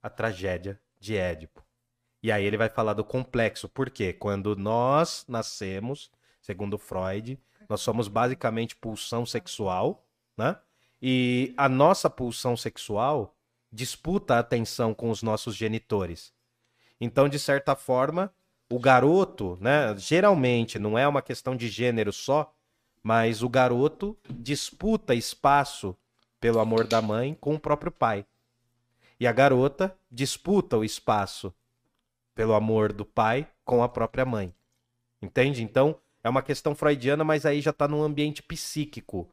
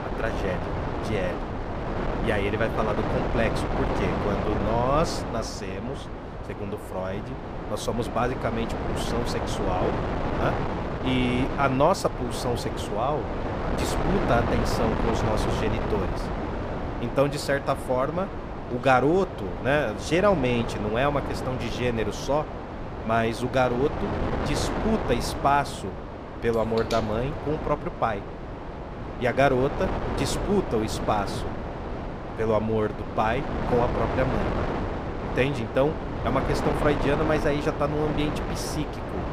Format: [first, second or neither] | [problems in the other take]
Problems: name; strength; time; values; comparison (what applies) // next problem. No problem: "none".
first | wind noise on the microphone; heavy; 5 dB below the speech